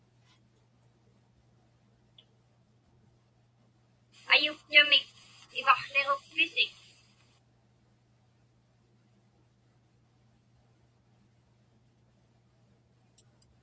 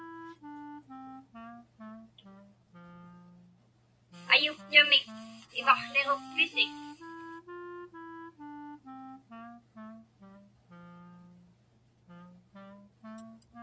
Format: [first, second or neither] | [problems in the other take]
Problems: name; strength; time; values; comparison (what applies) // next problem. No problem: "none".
first | background sound (Wind instrument, woodwind instrument); 14 dB below the speech